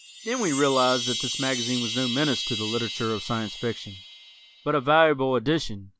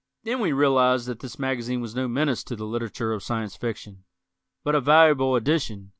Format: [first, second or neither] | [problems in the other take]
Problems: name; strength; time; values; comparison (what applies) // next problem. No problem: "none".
second | background sound (Chime); 8 dB below the speech